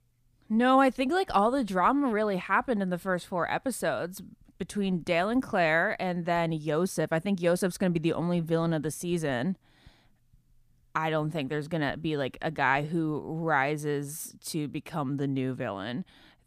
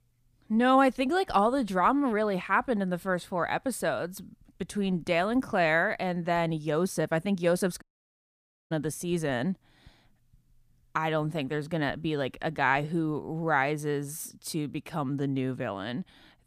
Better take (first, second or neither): first